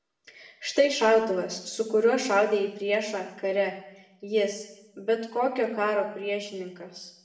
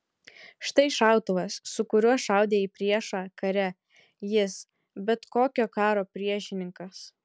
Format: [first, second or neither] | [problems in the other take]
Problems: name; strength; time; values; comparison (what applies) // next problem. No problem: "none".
second | room echo; dies away in 0.7 s